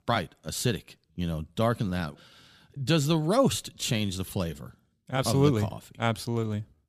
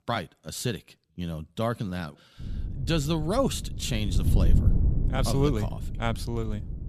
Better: first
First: none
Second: wind noise on the microphone; occasional gusts; from 2.5 s on; 10 dB below the speech

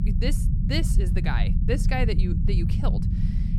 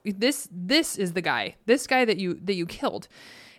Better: second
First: low rumble; loud; throughout; 6 dB below the speech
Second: none

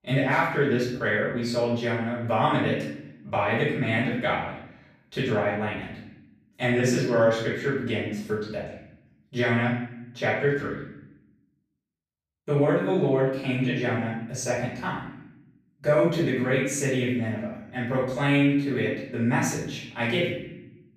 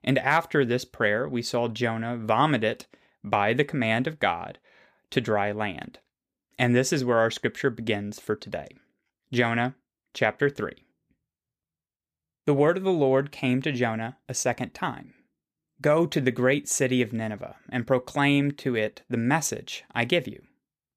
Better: second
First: room echo; noticeable; dies away in 0.8 s // off-mic speech; far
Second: none

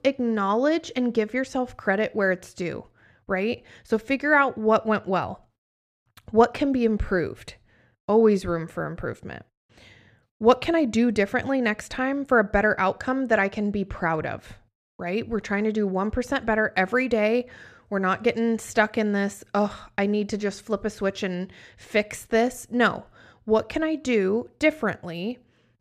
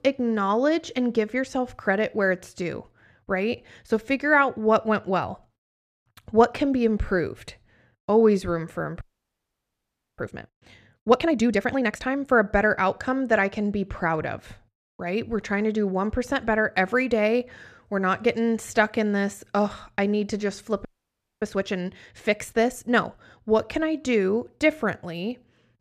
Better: first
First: none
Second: audio freezing; at 9 s for 1 s and at 21 s for 0.5 s

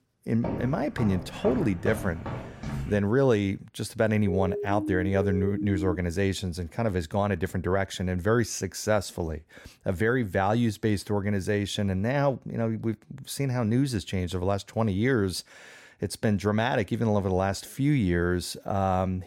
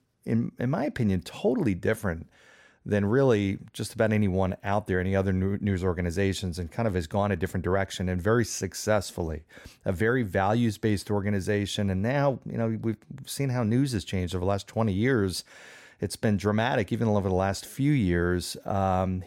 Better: second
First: footsteps; noticeable; until 3 s; peak 6 dB below the speech // siren; noticeable; from 4 to 6 s; peak 5 dB below the speech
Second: none

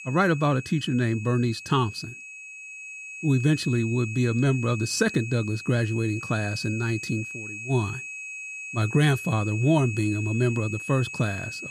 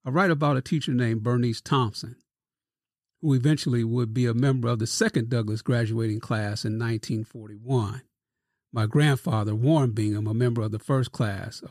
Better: second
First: high-pitched whine; loud; throughout; 2.5 kHz, 10 dB below the speech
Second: none

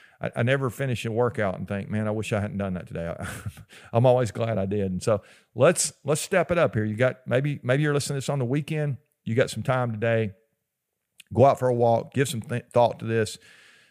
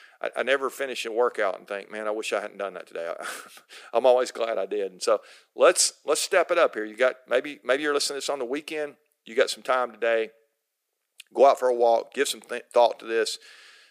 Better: first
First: none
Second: thin; very; fading below 300 Hz

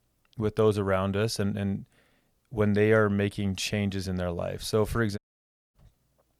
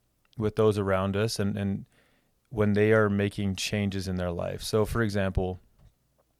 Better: second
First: audio cutting out; at 5 s for 0.5 s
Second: none

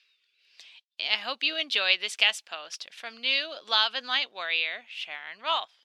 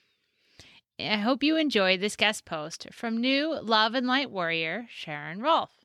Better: second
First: thin; very; fading below 750 Hz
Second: none

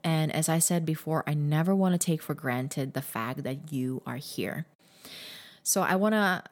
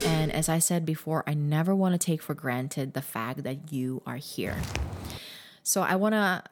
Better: first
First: none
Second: clattering dishes; noticeable; at the start; peak 4 dB below the speech // footsteps; noticeable; at 4.5 s; peak 5 dB below the speech

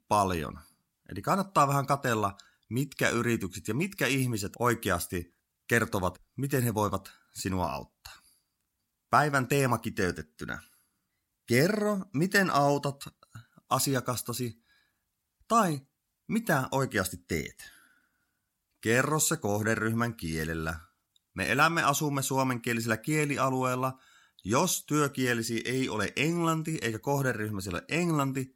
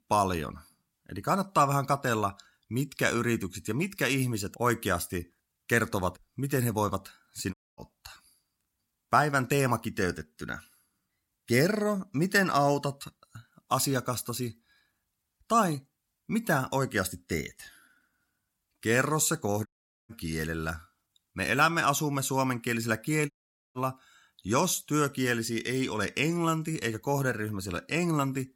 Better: first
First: none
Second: audio cutting out; at 7.5 s, at 20 s and at 23 s

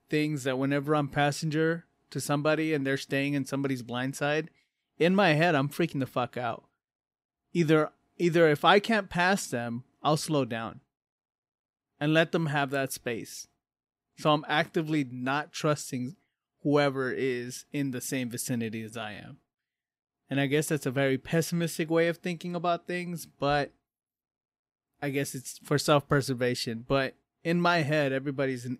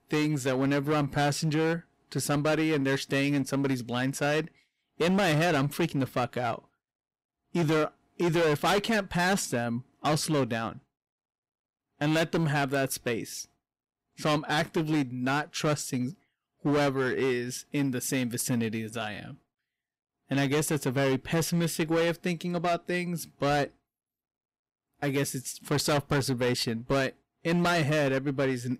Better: first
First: none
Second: distortion; heavy; 13% of the sound clipped

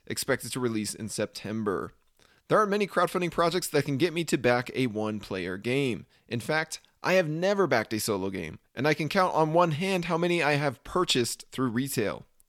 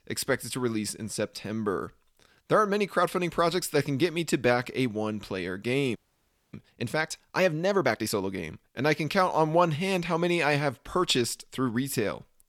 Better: first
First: none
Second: audio freezing; at 6 s for 0.5 s

